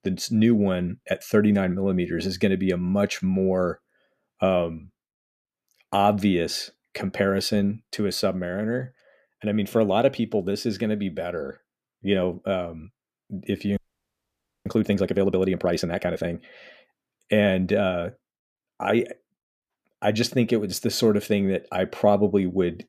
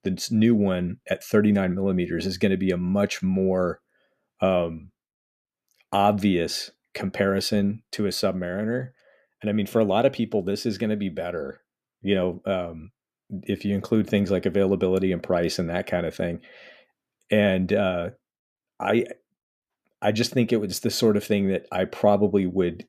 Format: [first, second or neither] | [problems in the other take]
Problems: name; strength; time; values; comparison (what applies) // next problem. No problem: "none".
second | audio freezing; at 14 s for 1 s